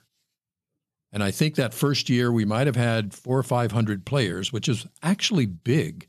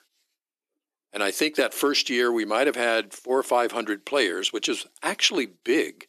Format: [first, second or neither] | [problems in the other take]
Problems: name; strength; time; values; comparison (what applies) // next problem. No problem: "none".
first | thin; very; fading below 300 Hz